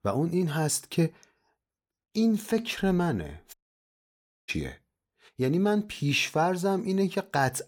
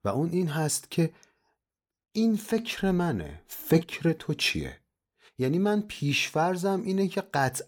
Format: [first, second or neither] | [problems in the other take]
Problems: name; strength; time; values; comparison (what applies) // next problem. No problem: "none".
second | audio cutting out; at 3.5 s for 1 s